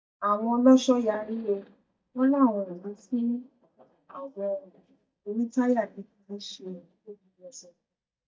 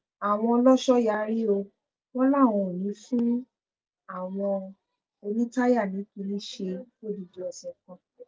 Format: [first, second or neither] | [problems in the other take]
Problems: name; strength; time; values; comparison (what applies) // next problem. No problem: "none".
second | noise reduction (neural mask model DeepFilterNet 3)